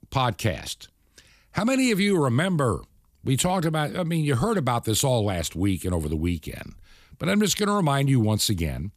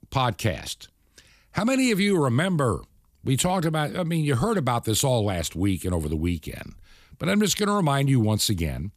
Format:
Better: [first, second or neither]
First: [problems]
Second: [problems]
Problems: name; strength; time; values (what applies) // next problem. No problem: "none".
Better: neither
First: none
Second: none